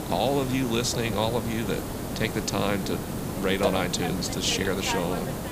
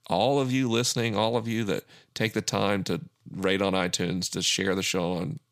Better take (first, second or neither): second